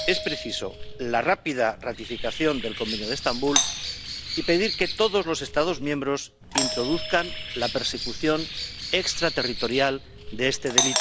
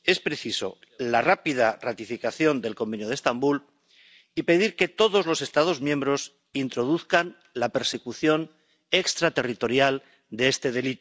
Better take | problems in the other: second | background sound (Bird + Doorbell); 4 dB below the speech

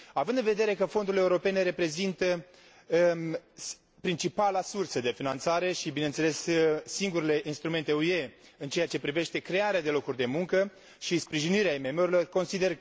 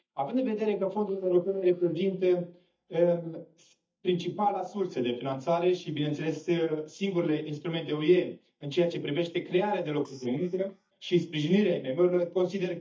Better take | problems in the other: first | noise reduction (neural mask model DeepFilterNet 3)

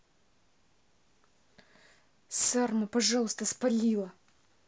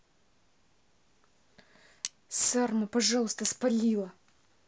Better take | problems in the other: first | background sound (Cutlery, silverware); 15 dB below the speech

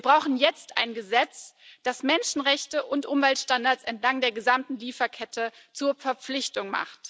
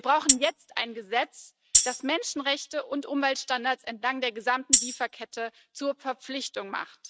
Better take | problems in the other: first | noise reduction (neural mask model RNNoise)

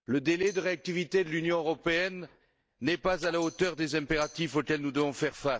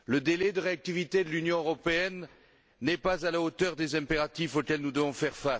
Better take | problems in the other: second | noise reduction (neural mask model DeepFilterNet 3)

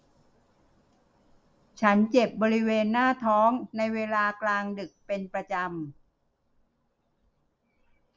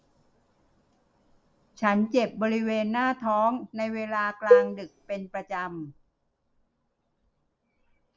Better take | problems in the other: first | background sound (Cowbell); 5 dB above the speech

